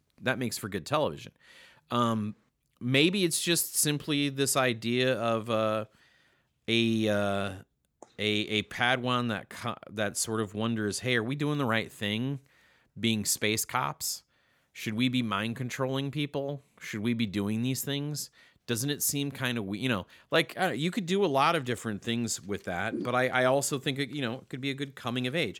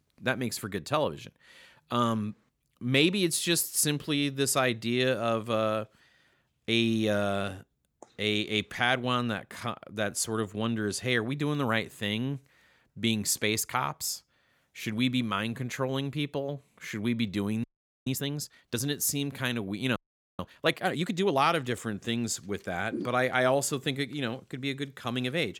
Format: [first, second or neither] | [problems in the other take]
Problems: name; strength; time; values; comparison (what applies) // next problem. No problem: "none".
first | audio freezing; at 18 s and at 20 s